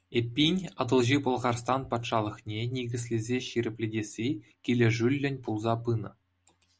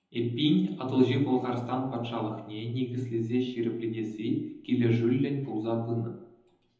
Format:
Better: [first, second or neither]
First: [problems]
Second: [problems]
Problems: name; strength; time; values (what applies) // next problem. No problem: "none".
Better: first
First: none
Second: room echo; dies away in 0.9 s